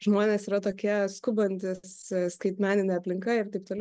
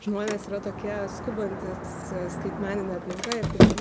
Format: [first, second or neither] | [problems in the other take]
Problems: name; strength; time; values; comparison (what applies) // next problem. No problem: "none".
first | background sound (Sliding door); 5 dB above the speech